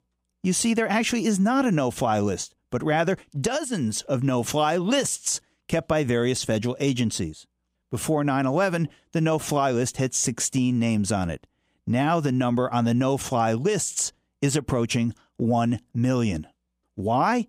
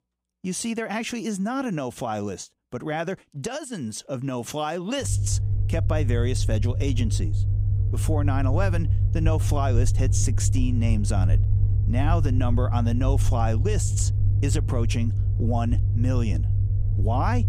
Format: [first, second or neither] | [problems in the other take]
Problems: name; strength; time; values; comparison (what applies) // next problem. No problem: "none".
first | low rumble; loud; from 5 s on; 8 dB below the speech